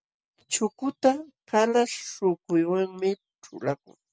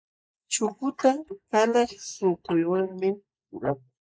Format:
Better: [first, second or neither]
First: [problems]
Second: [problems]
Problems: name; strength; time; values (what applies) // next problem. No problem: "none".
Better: first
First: none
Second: noise reduction (neural mask model Resemble Enhance denoiser)